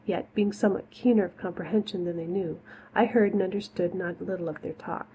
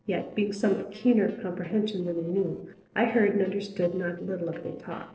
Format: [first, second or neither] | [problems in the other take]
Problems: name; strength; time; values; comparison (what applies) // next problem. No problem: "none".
first | noise reduction (neural separator model SepFormer DNS4)